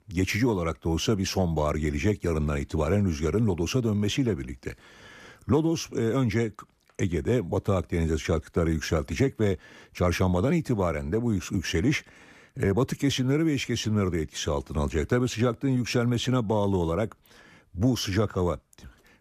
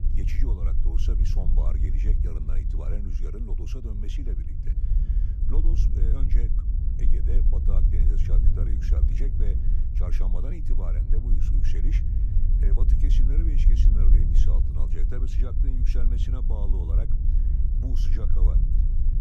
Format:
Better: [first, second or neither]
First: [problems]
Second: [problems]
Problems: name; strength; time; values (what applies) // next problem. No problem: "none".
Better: first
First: none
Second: low rumble; loud; throughout; as loud as the speech